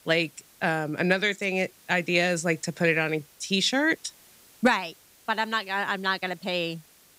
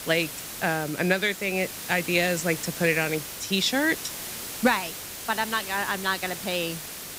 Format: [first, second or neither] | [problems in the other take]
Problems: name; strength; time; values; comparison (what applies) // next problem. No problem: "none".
first | hiss; loud; throughout; 8 dB below the speech; faint in the first